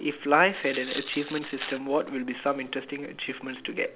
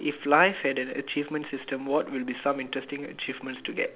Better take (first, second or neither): second